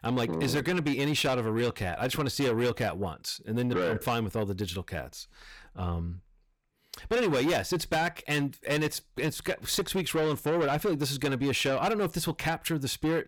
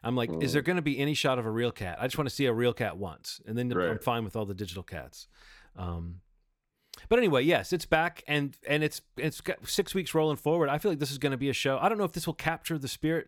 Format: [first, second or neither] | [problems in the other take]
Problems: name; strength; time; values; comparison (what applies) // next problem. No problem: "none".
second | distortion; heavy; 7 dB below the speech